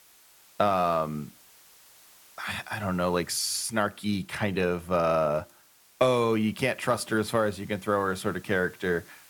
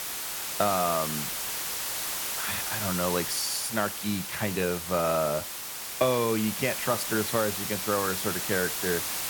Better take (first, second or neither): first